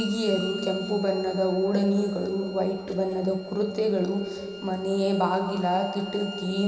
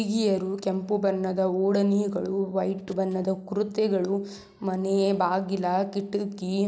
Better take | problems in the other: second | background sound (Bowed string instrument); 16 dB below the speech // room echo; dies away in 2.5 s

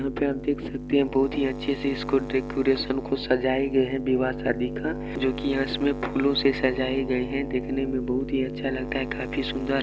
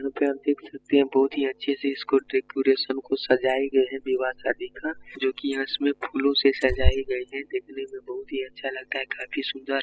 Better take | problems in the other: first | noise reduction (classical method spectral subtraction)

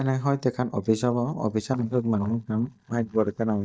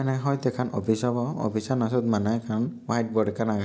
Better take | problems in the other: second | noise reduction (neural mask model DeepFilterNet 3)

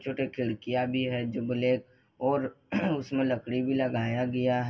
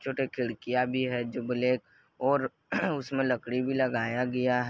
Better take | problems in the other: second | room echo; dies away in 0.2 s

